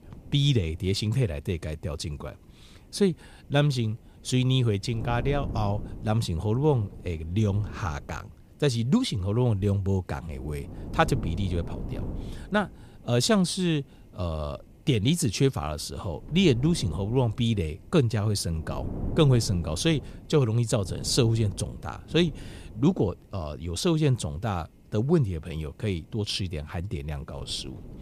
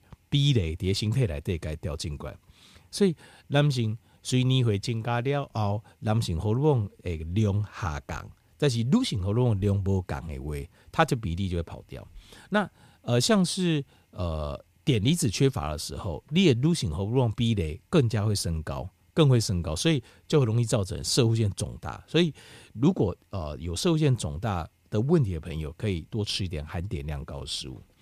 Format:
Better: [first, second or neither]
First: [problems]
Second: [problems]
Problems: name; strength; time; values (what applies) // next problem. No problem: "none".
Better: second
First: wind noise on the microphone; occasional gusts; 15 dB below the speech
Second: none